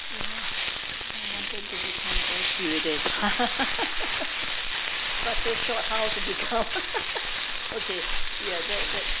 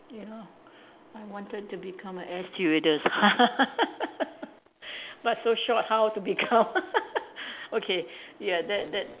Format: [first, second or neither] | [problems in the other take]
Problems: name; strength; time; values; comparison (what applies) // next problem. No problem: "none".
second | background sound (Frying (food)); 5 dB above the speech